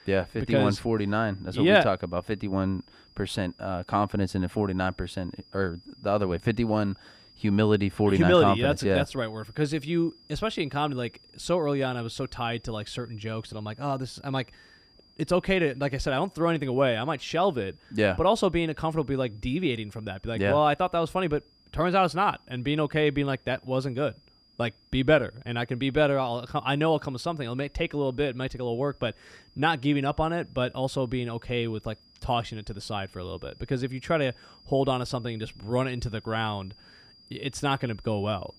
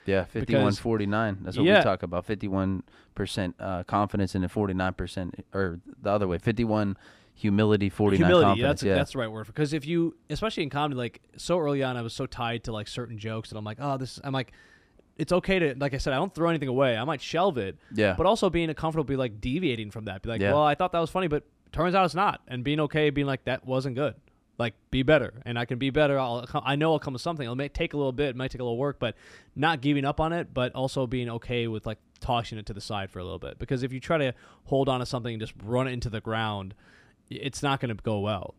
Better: second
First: high-pitched whine; faint; throughout; 5 kHz, 30 dB below the speech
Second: none

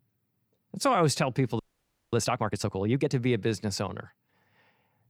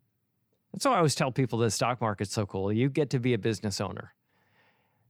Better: second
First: audio freezing; at 1.5 s for 0.5 s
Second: none

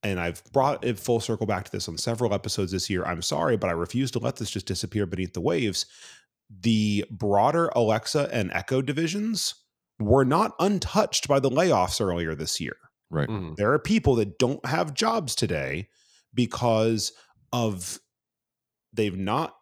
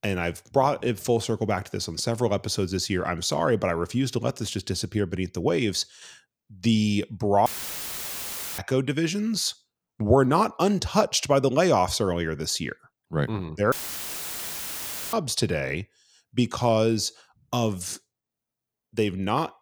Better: first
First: none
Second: audio cutting out; filled with static; at 7.5 s for 1 s and at 14 s for 1.5 s

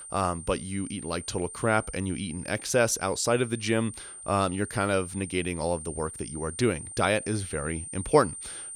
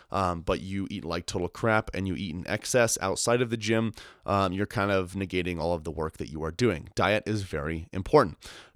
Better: second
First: high-pitched whine; noticeable; throughout; 9 kHz, 10 dB below the speech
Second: none

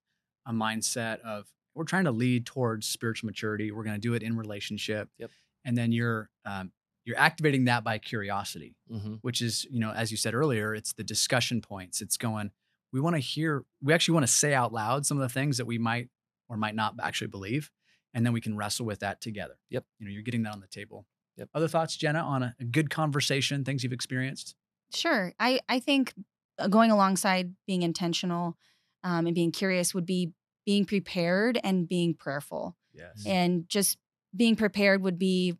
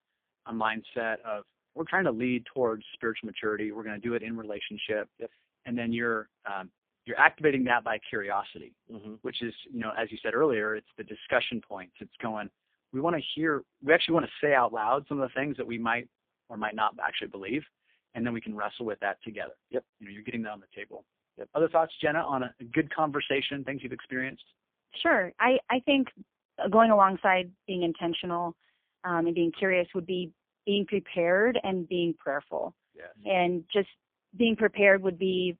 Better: first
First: none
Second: phone-call audio; poor line; nothing above 3 kHz

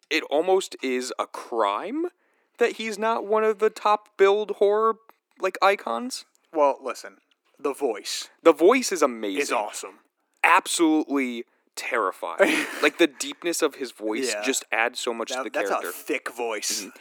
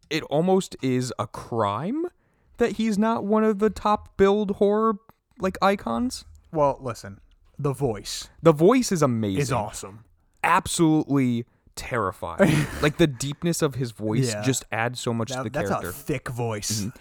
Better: second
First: thin; somewhat; fading below 300 Hz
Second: none

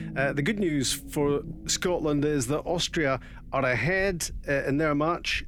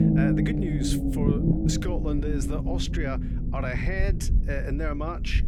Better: first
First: low rumble; faint; throughout; 25 dB below the speech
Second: low rumble; loud; throughout; as loud as the speech

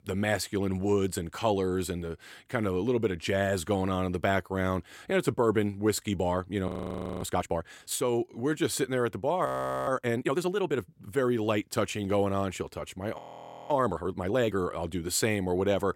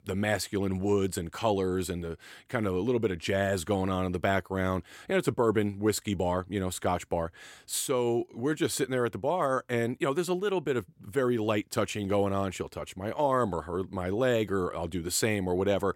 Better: second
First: audio freezing; at 6.5 s for 0.5 s, at 9.5 s and at 13 s for 0.5 s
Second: none

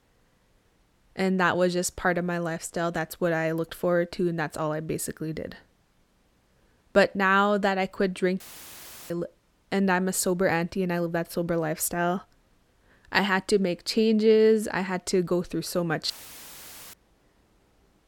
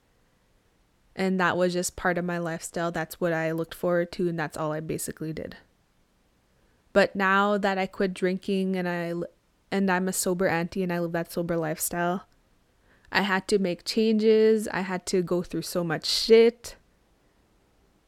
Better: second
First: audio cutting out; filled with static; at 8.5 s for 0.5 s and at 16 s for 1 s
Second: none

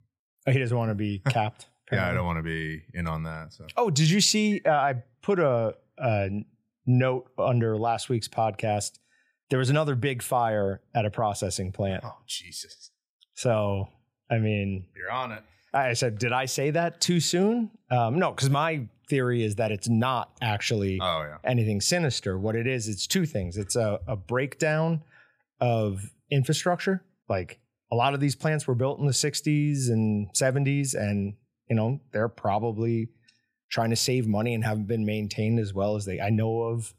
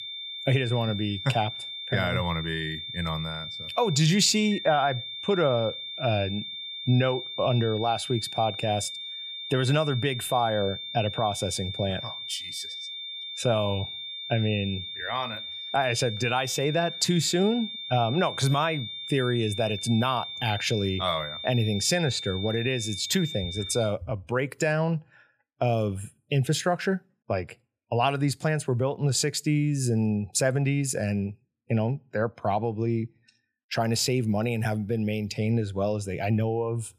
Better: first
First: none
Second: high-pitched whine; loud; until 24 s; 3.5 kHz, 7 dB below the speech

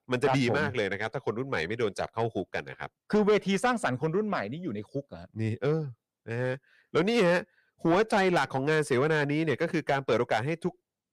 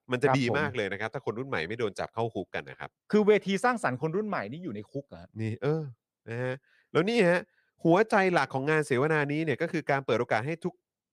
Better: second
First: distortion; slight; 10 dB below the speech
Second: none

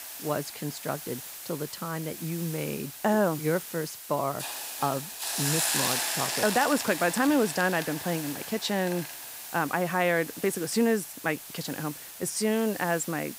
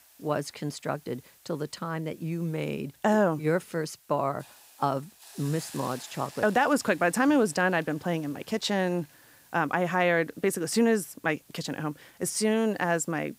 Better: second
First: hiss; loud; throughout; 5 dB below the speech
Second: hiss; faint; throughout; 25 dB below the speech

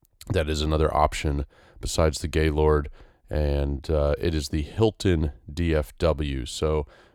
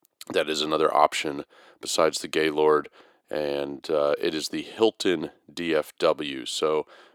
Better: first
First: none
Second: thin; somewhat; fading below 300 Hz

